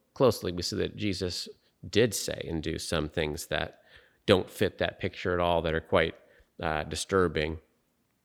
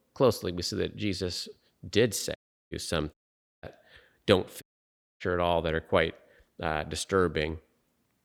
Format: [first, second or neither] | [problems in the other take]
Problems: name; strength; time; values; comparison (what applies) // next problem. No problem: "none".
first | audio cutting out; at 2.5 s, at 3 s and at 4.5 s for 0.5 s